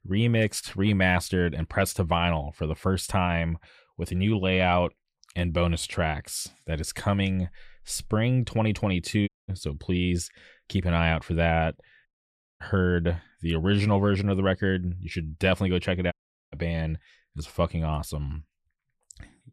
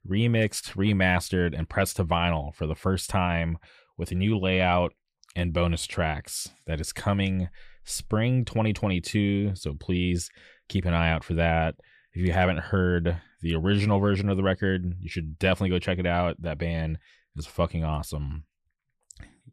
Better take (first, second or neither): second